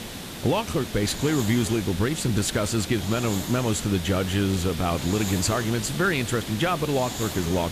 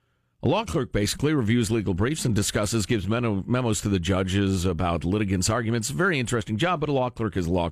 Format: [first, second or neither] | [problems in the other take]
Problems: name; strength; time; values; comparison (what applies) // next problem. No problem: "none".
second | hiss; loud; throughout; 8 dB below the speech